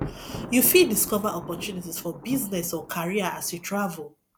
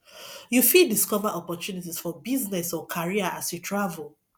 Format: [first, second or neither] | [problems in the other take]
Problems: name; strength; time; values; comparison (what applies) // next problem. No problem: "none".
second | background sound (Thunder); 13 dB below the speech